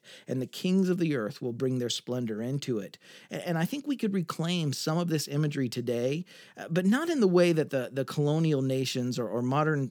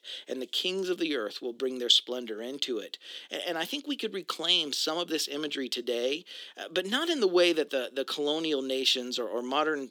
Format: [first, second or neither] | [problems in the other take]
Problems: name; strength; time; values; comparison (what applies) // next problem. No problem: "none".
first | thin; somewhat; fading below 300 Hz